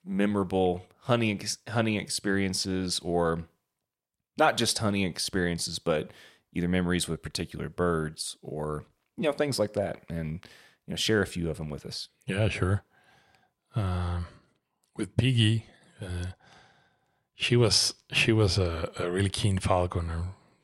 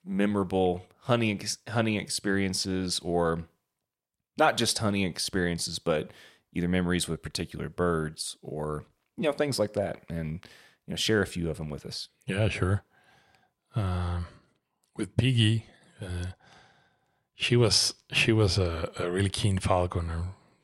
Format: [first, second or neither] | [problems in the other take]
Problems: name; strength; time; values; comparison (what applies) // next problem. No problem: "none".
neither | none